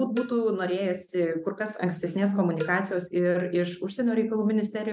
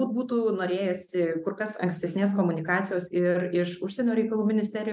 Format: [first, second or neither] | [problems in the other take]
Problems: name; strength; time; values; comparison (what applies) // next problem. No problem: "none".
second | background sound (Cowbell); 16 dB below the speech